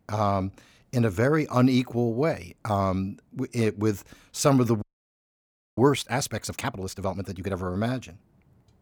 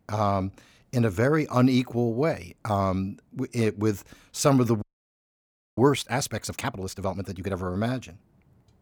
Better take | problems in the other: neither | audio freezing; at 5 s for 1 s; the same in both

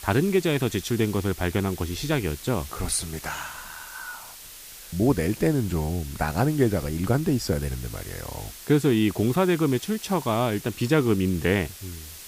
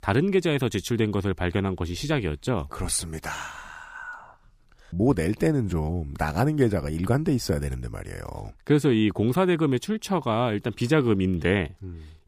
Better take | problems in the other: second | hiss; noticeable; throughout; 15 dB below the speech

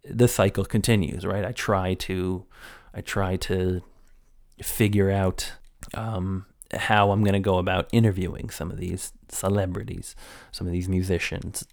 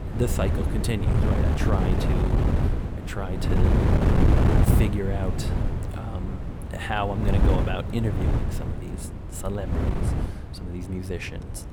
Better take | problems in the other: first | wind noise on the microphone; heavy; 1 dB above the speech

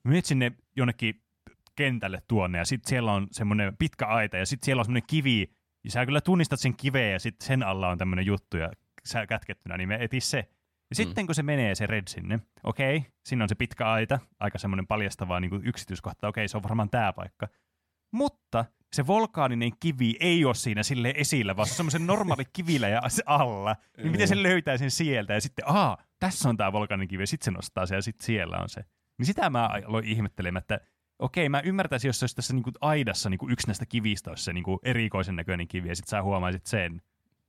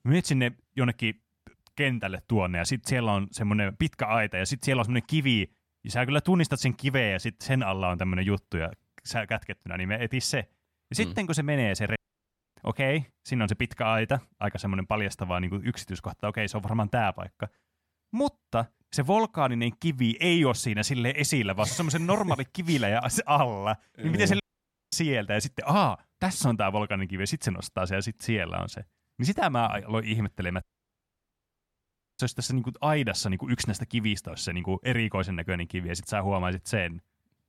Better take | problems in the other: first | audio cutting out; at 12 s for 0.5 s, at 24 s for 0.5 s and at 31 s for 1.5 s

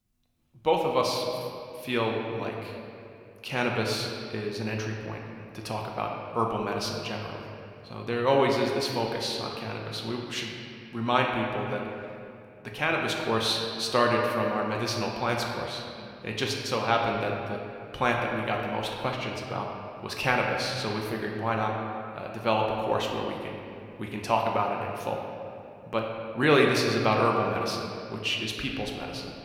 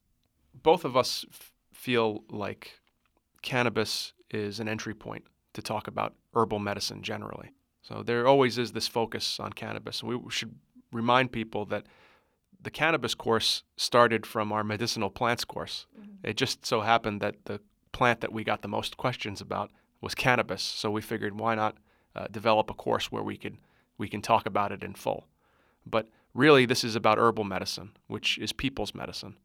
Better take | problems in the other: second | room echo; noticeable; dies away in 2.1 s

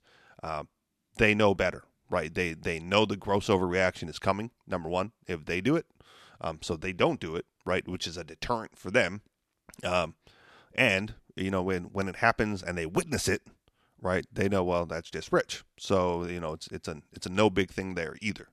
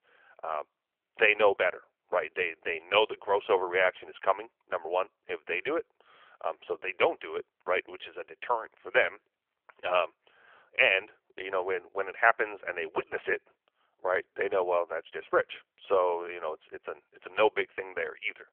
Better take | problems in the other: first | phone-call audio; nothing above 3 kHz

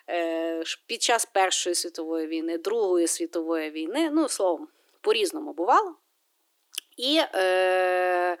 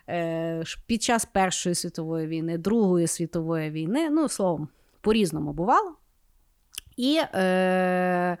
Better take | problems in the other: second | thin; very; fading below 300 Hz

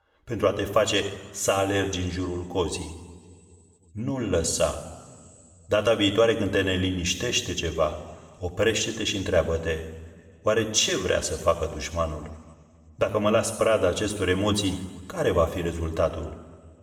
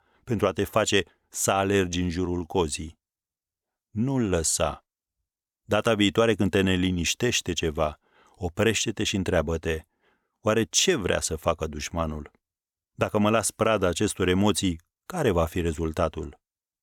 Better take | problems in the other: second | room echo; noticeable; dies away in 1.5 s // off-mic speech; somewhat distant

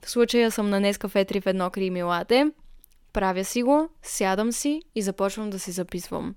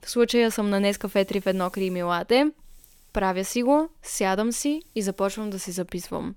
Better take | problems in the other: first | hiss; faint; from 0.5 to 2 s, from 2.5 to 4 s and from 4.5 to 5.5 s; 30 dB below the speech

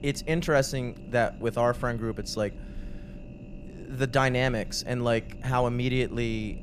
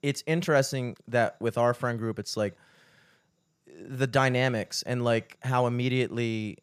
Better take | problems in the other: second | low rumble; faint; throughout; 25 dB below the speech

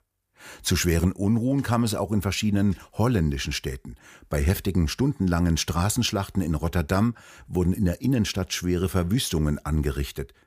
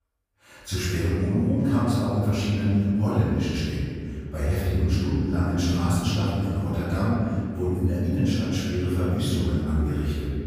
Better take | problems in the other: first | room echo; strong; dies away in 2.5 s // off-mic speech; far

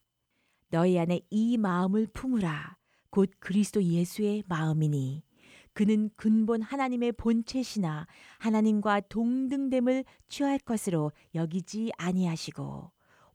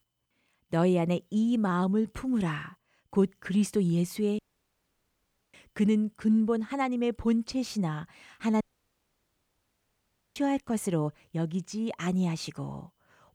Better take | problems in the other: first | audio cutting out; at 4.5 s for 1 s and at 8.5 s for 2 s

